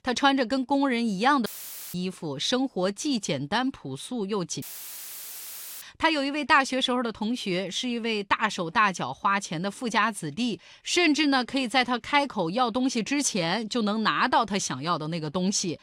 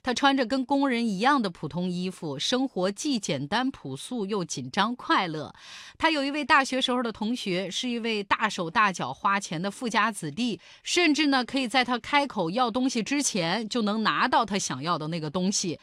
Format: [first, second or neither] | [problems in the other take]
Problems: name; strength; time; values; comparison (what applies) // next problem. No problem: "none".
second | audio cutting out; filled with static; at 1.5 s and at 4.5 s for 1 s